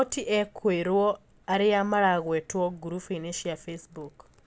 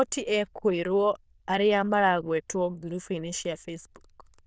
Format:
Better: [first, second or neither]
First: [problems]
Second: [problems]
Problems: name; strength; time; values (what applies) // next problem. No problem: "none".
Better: first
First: none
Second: noise reduction (neural diffusion model UNIVERSE++)